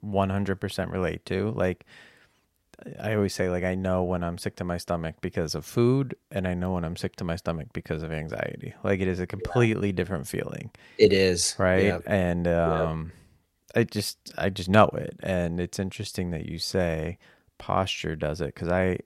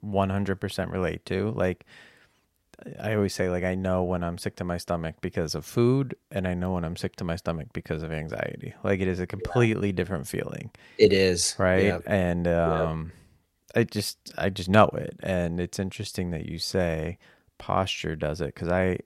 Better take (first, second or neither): neither